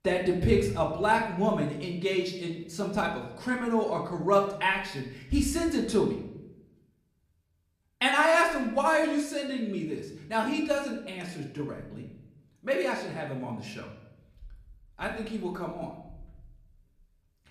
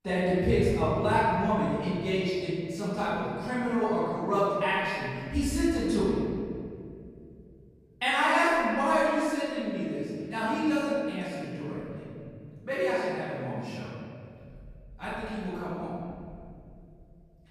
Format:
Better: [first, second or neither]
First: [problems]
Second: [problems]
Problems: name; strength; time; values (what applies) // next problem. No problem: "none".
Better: first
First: room echo; slight; dies away in 0.7 s // off-mic speech; far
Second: room echo; strong; dies away in 2.5 s // off-mic speech; far